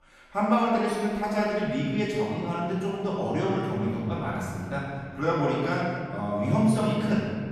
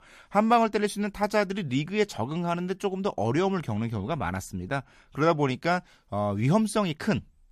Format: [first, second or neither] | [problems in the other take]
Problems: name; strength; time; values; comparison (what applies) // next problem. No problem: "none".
second | room echo; strong; dies away in 1.9 s // off-mic speech; far